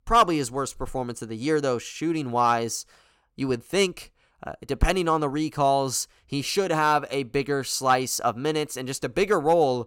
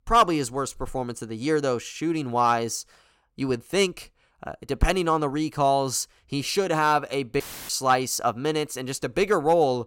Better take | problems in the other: first | audio cutting out; filled with static; at 7.5 s

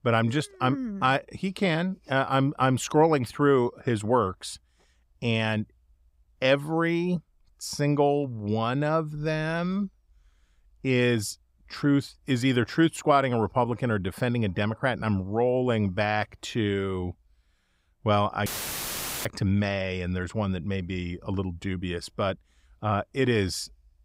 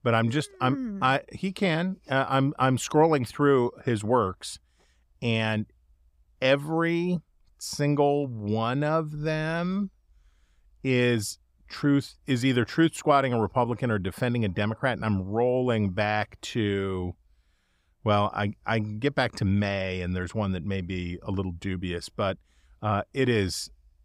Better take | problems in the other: second | audio cutting out; filled with static; at 18 s for 1 s

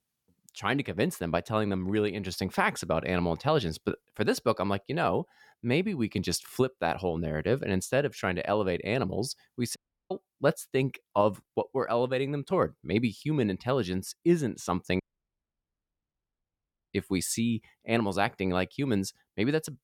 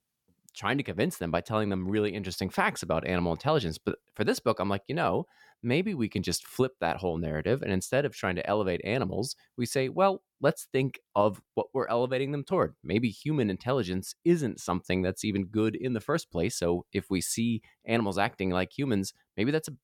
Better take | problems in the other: second | audio cutting out; at 10 s and at 15 s for 2 s

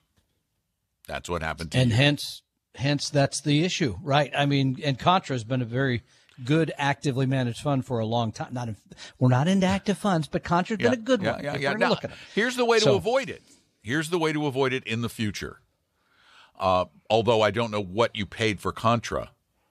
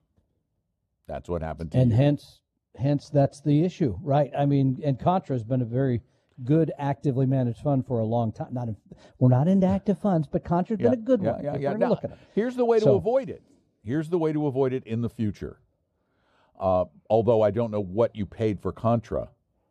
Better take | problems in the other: first | muffled; very; fading above 1 kHz

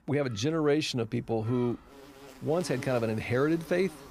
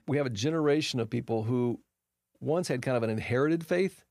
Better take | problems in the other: second | animal sounds; noticeable; throughout; 20 dB below the speech

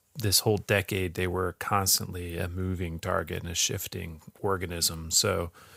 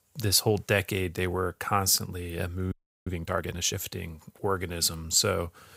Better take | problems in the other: first | audio freezing; at 2.5 s

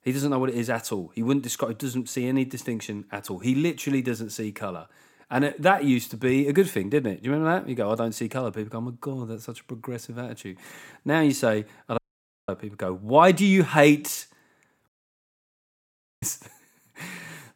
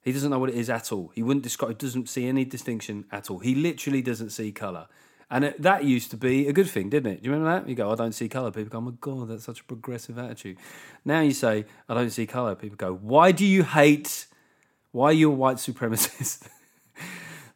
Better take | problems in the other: second | audio cutting out; at 12 s for 0.5 s and at 15 s for 1.5 s

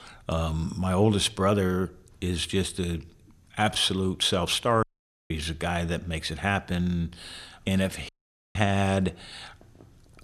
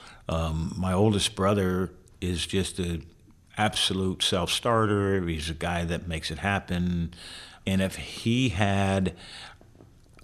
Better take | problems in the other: second | audio cutting out; at 5 s and at 8 s

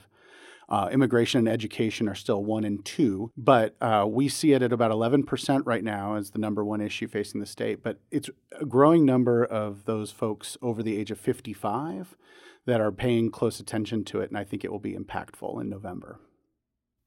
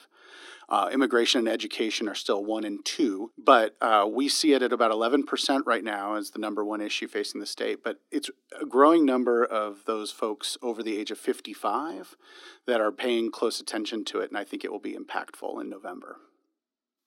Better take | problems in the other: first | thin; very slightly; fading below 250 Hz

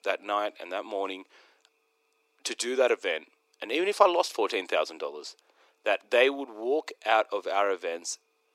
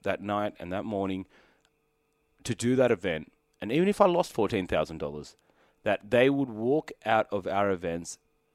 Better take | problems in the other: second | thin; somewhat; fading below 350 Hz

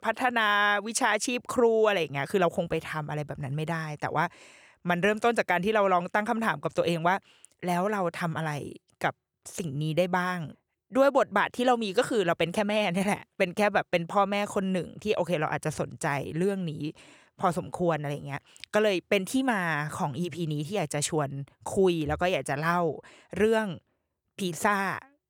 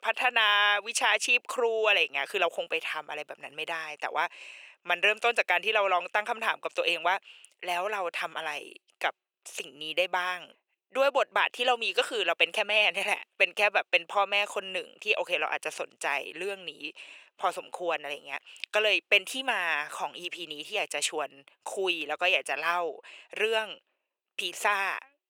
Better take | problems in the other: first | thin; very; fading below 450 Hz

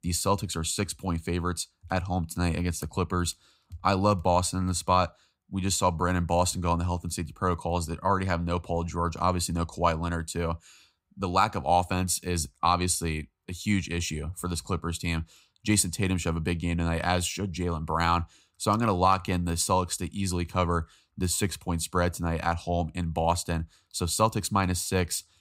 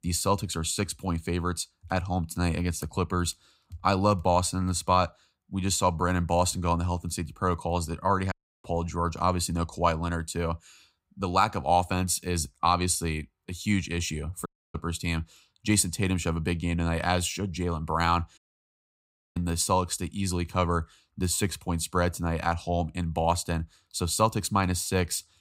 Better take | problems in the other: first | audio cutting out; at 8.5 s, at 14 s and at 18 s for 1 s

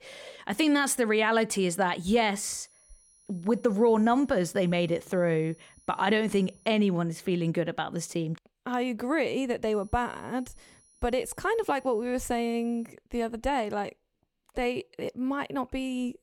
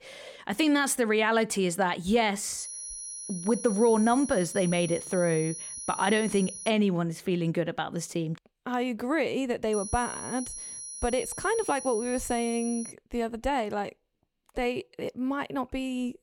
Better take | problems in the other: first | high-pitched whine; loud; from 2.5 to 6.5 s and from 9.5 to 13 s; 10.5 kHz, 9 dB below the speech; faint in the first

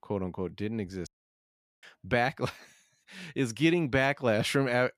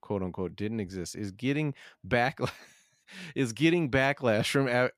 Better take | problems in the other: second | audio cutting out; at 1 s for 1 s

